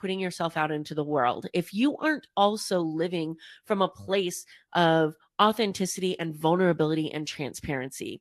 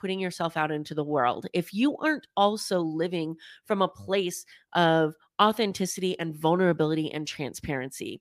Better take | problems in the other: second | garbled, watery; slightly; nothing above 12.5 kHz

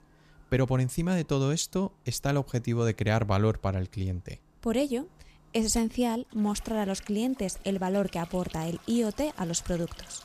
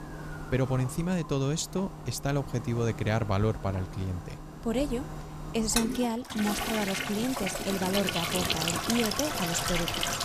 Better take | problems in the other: first | household noises; loud; throughout; 2 dB below the speech; faint in the first

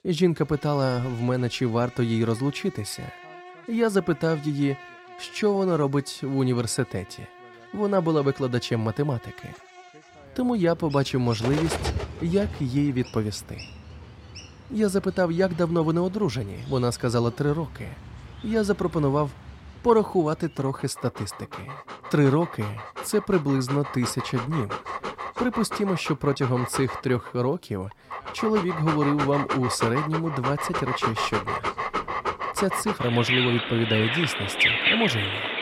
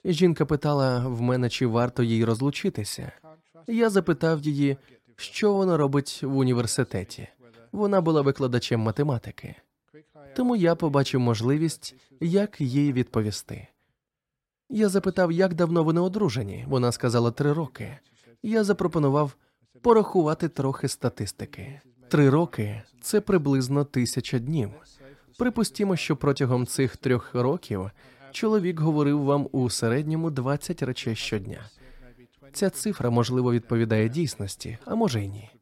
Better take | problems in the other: second | animal sounds; loud; throughout; 3 dB below the speech

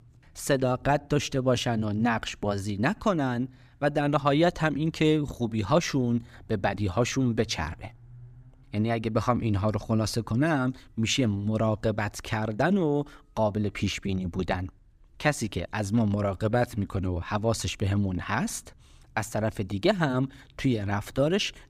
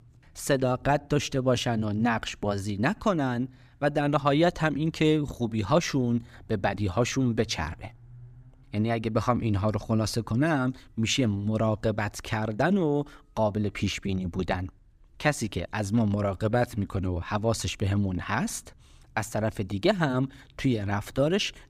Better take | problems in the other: neither | none

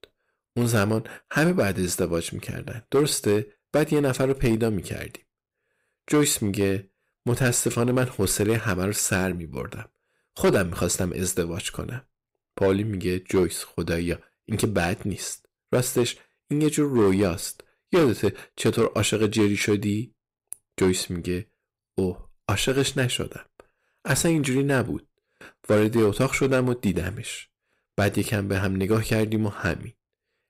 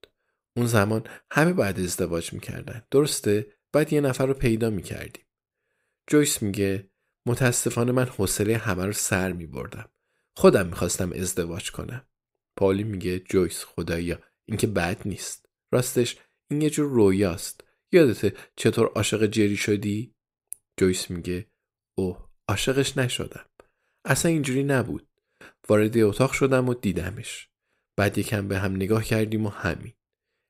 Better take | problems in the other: second | distortion; slight; 4% of the sound clipped

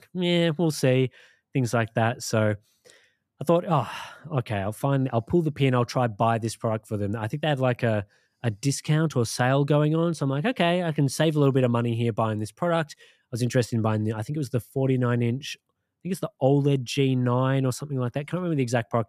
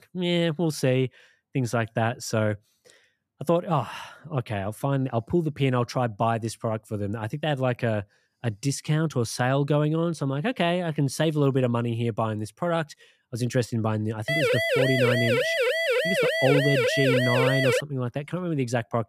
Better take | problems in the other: first | siren; loud; from 14 to 18 s; peak 4 dB above the speech

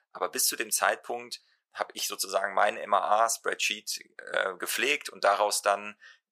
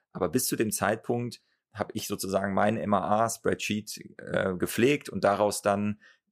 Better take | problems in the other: second | thin; very; fading below 800 Hz

